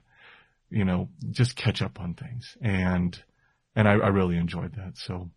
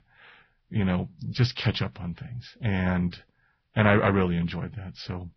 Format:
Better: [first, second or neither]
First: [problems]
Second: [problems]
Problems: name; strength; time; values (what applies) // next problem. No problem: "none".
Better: first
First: garbled, watery; slightly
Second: garbled, watery; badly; nothing above 5.5 kHz